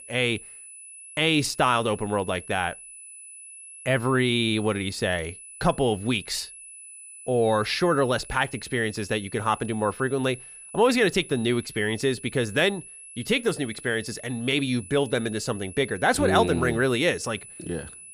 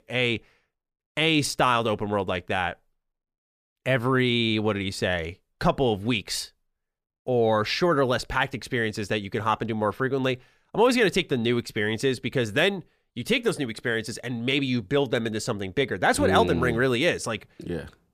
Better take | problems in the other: second | high-pitched whine; noticeable; throughout; 10 kHz, 15 dB below the speech

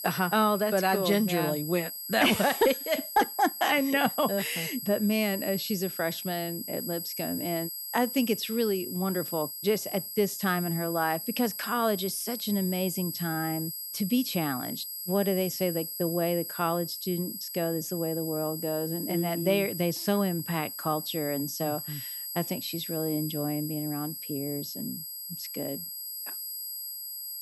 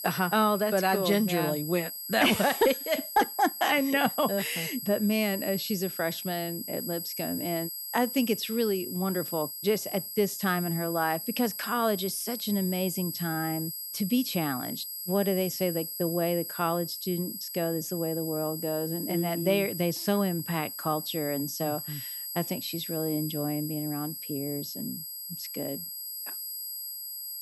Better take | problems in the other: neither | high-pitched whine; loud; throughout; 11.5 kHz, 6 dB below the speech; the same in both

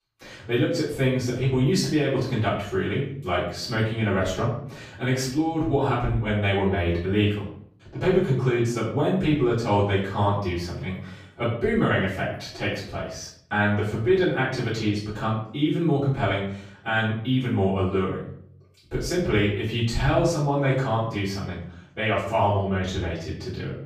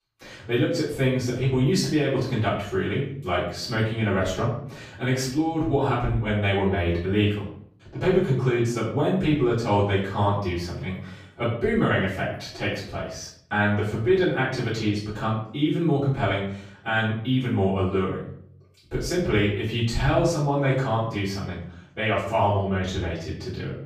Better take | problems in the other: neither | room echo; noticeable; dies away in 0.5 s; the same in both // off-mic speech; far; the same in both

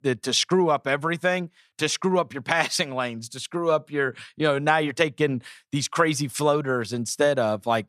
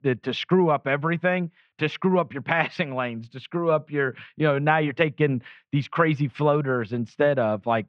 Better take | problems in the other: first | muffled; very; fading above 2.5 kHz

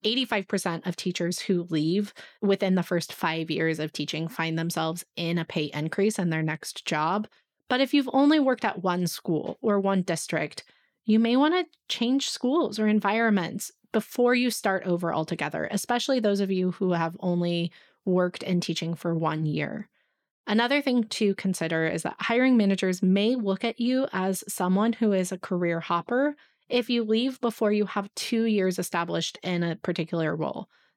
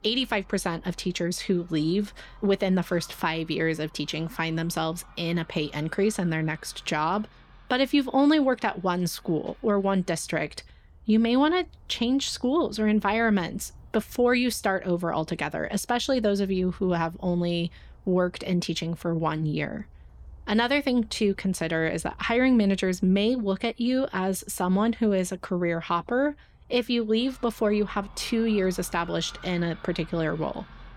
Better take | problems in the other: first | animal sounds; faint; throughout; 25 dB below the speech

